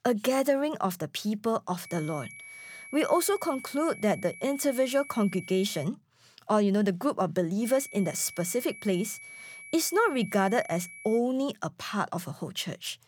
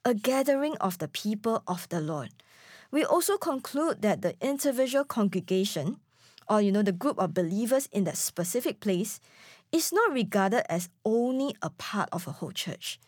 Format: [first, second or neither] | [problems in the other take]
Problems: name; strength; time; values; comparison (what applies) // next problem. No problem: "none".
second | high-pitched whine; noticeable; from 2 to 6 s and from 7.5 to 11 s; 2.5 kHz, 15 dB below the speech